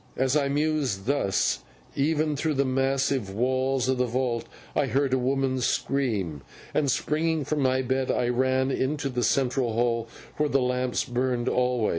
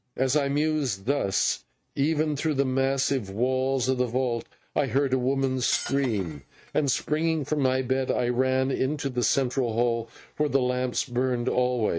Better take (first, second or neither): first